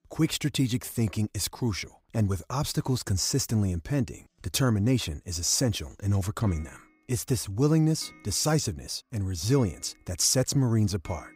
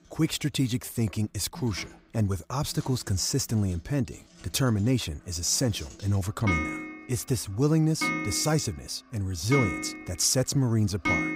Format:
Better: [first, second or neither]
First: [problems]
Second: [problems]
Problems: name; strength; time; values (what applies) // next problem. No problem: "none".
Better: first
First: household noises; faint; throughout; 25 dB below the speech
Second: household noises; loud; throughout; 4 dB below the speech